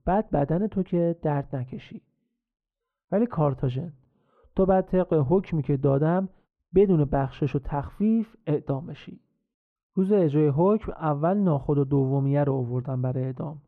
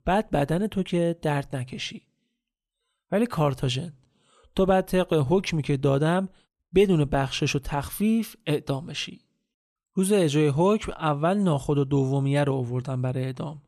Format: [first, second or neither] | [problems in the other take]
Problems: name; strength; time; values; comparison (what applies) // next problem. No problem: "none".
second | muffled; very; fading above 3 kHz